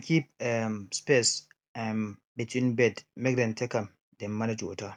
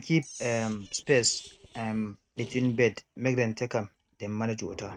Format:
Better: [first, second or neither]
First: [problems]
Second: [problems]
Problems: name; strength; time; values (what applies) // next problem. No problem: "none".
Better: first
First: none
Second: noise reduction (neural mask model RNNoise)